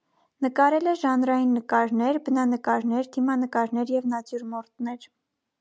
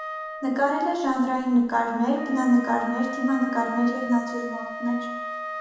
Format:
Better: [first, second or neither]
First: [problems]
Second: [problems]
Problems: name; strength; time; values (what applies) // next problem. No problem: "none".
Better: first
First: none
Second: background sound (Wind instrument, woodwind instrument); 10 dB below the speech // room echo; dies away in 1.1 s